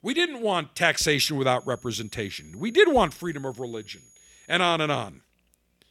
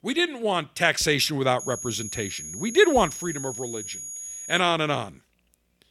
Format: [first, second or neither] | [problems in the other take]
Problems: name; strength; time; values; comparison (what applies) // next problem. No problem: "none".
first | high-pitched whine; loud; from 1.5 to 4.5 s; 6.5 kHz, 10 dB below the speech; faint in the first